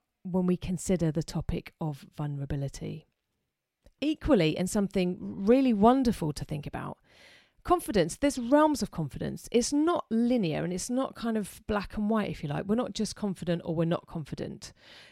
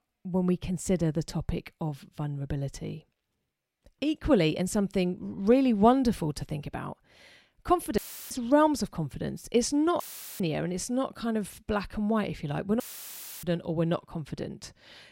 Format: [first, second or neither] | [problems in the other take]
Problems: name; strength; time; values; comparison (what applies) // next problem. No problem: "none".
first | audio cutting out; filled with static; at 8 s, at 10 s and at 13 s for 0.5 s